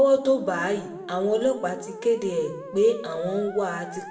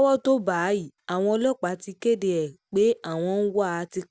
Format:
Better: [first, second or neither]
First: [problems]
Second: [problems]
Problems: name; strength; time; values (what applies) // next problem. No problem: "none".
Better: second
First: background sound (Musical instrument); 14 dB below the speech // room echo; dies away in 0.6 s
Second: none